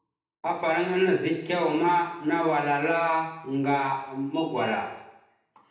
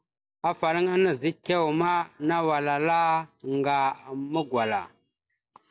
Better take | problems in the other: second | room echo; dies away in 0.8 s

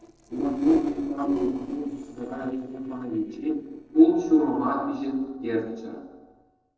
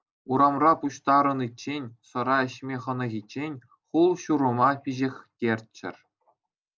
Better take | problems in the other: second | noise reduction (neural separator model SepFormer DNS4)

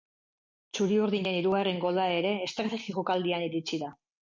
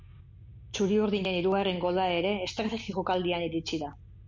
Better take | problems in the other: first | background sound (Engine starting / Car); 20 dB below the speech

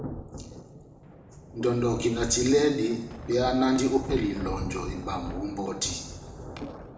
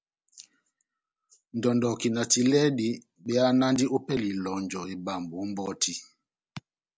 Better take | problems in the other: second | background sound (Thunder); 10 dB below the speech // room echo; dies away in 1 s

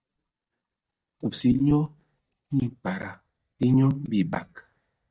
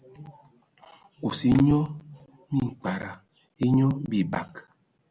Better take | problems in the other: second | noise reduction (neural mask model DeepFilterNet 3)

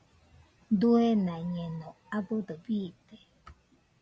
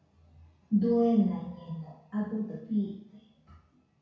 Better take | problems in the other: first | room echo; dies away in 0.6 s

